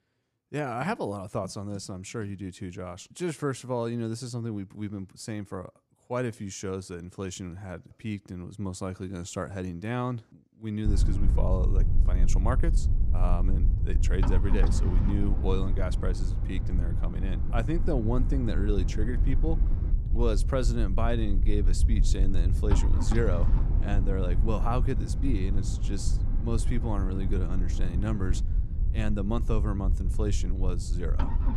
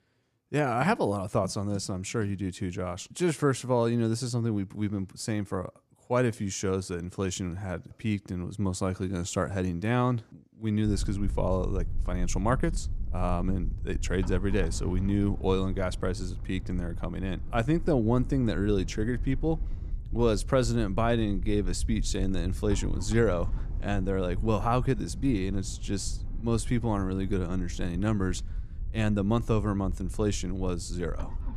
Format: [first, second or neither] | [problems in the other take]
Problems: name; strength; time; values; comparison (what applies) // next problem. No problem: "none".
second | low rumble; loud; from 11 s on; 8 dB below the speech; faint in the second